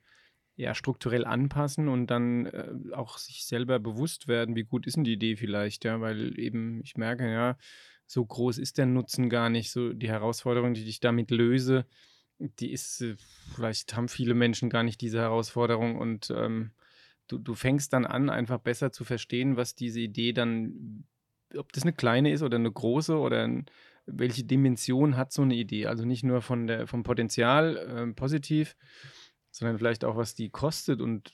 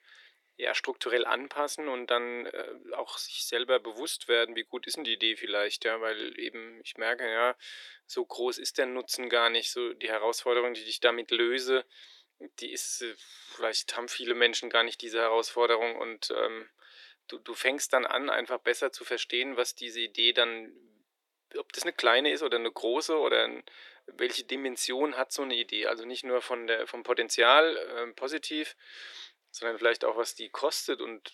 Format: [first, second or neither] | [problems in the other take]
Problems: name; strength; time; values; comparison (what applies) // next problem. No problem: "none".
first | thin; very; fading below 350 Hz